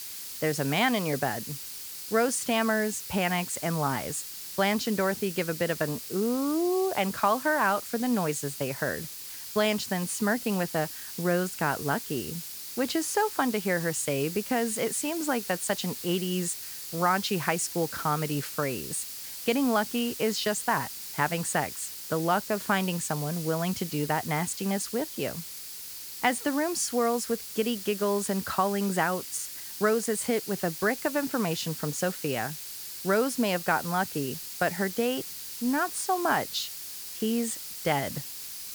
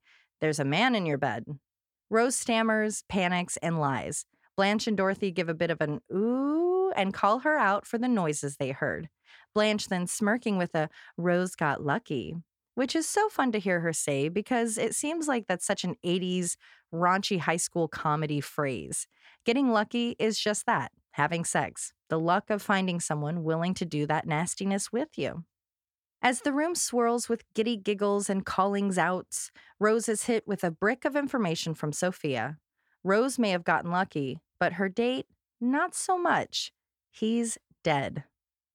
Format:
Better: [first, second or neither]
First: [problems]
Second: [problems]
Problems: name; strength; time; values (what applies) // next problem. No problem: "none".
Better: second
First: hiss; loud; throughout; 8 dB below the speech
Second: none